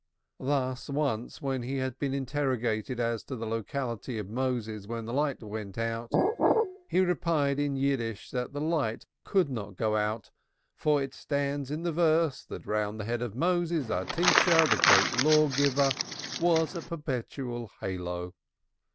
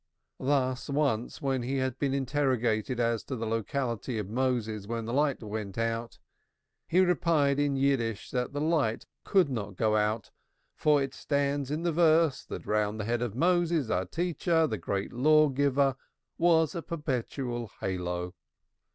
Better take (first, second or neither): second